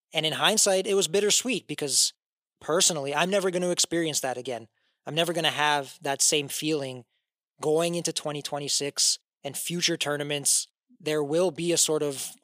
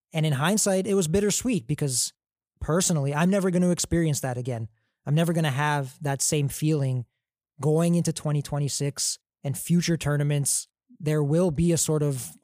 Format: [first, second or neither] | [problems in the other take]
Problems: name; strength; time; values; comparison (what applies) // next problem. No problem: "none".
second | thin; somewhat; fading below 350 Hz